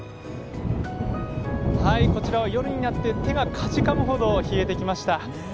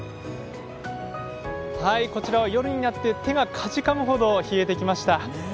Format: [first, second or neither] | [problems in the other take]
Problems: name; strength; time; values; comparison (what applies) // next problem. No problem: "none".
second | background sound (Thunder); 1 dB above the speech